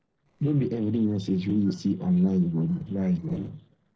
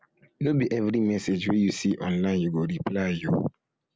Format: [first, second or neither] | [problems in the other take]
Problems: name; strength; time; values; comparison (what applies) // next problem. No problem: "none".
second | noise reduction (neural separator model SepFormer DNS4)